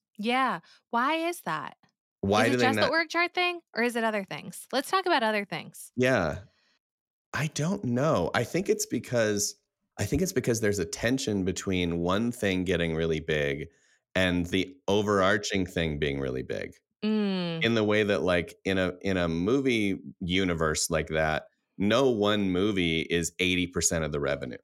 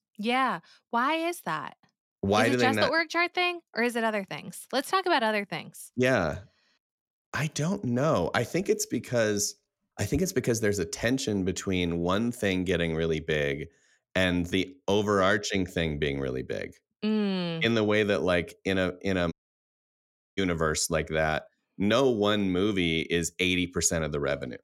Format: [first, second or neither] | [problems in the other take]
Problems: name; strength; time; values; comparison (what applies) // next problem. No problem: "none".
first | audio cutting out; at 19 s for 1 s